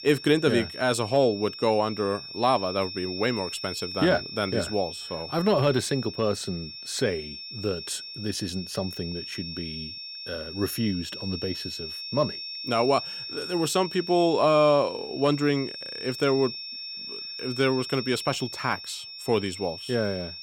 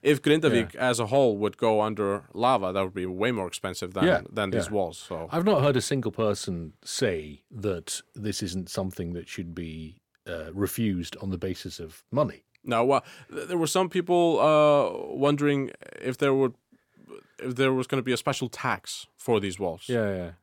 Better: second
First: high-pitched whine; loud; throughout; 5.5 kHz, 9 dB below the speech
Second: none

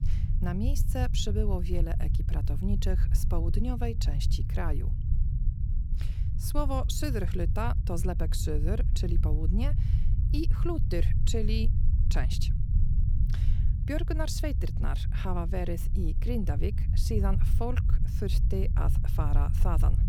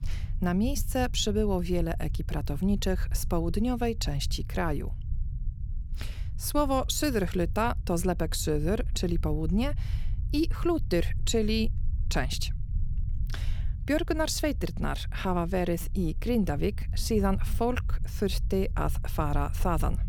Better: second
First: low rumble; loud; throughout; 9 dB below the speech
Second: low rumble; faint; throughout; 20 dB below the speech

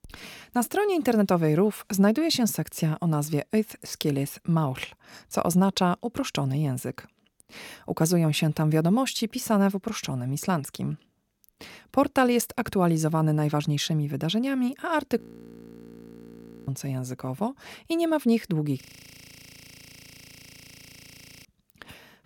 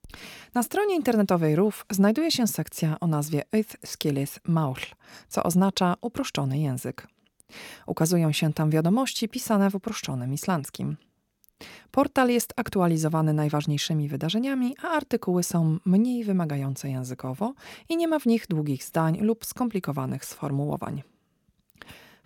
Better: second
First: audio freezing; at 15 s for 1.5 s and at 19 s for 2.5 s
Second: none

